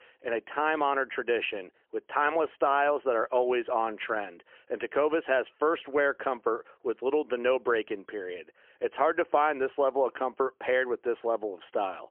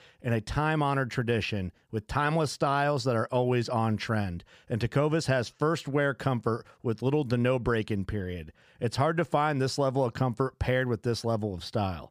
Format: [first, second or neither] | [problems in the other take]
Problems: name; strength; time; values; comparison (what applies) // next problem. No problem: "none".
second | phone-call audio; poor line; nothing above 3 kHz